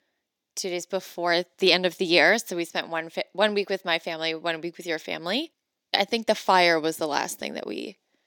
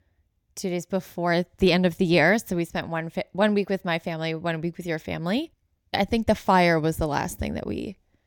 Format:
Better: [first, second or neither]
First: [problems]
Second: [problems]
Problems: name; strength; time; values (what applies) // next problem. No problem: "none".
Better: second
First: thin; somewhat; fading below 300 Hz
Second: none